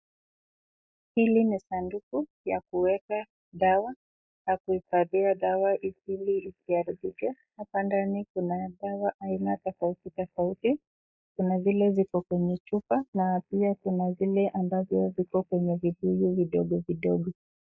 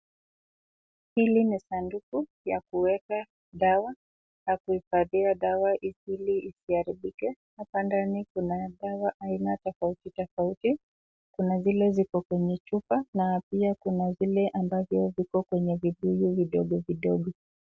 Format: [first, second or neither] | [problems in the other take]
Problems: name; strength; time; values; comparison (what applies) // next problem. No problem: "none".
second | noise reduction (neural mask model Resemble Enhance denoiser)